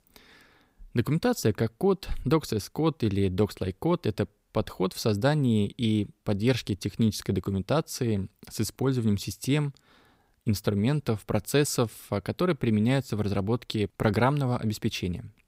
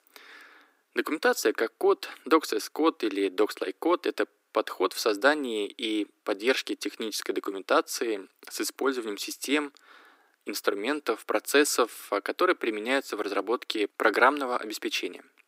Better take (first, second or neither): first